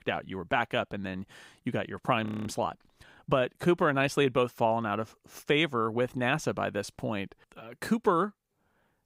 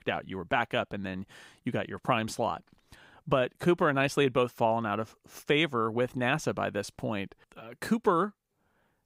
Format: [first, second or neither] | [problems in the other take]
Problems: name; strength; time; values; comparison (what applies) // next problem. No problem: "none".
second | audio freezing; at 2.5 s